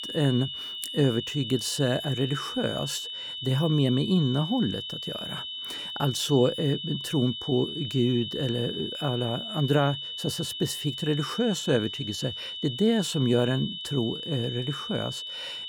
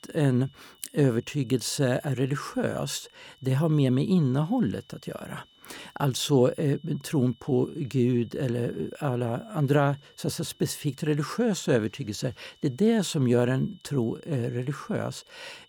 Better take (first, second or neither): second